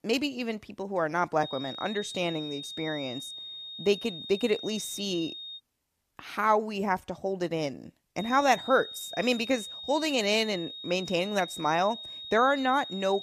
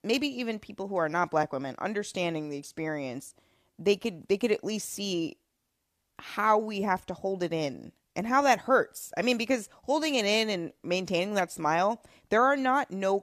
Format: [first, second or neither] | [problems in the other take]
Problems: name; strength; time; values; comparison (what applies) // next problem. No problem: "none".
second | high-pitched whine; loud; from 1.5 to 5.5 s and from 8 s on; 3.5 kHz, 10 dB below the speech